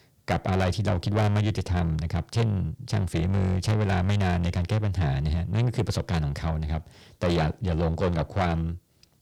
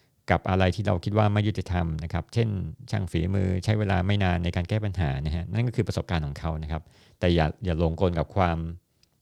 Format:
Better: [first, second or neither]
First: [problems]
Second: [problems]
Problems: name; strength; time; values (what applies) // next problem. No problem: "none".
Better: second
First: distortion; heavy; 7 dB below the speech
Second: none